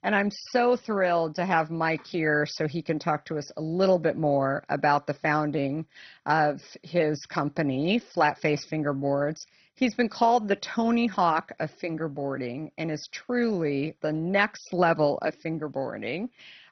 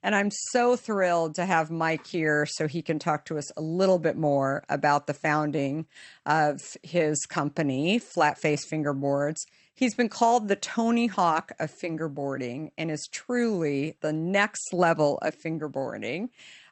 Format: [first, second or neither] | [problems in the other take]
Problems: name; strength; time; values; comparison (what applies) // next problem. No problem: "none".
second | garbled, watery; badly; nothing above 6 kHz; slightly in the second